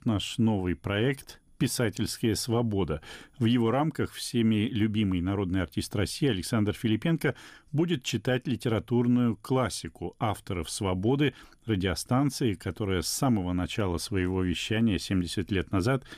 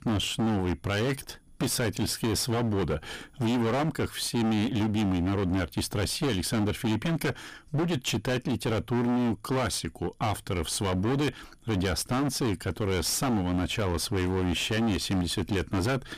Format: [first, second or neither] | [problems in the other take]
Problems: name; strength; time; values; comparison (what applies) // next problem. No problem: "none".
first | distortion; heavy; 30% of the sound clipped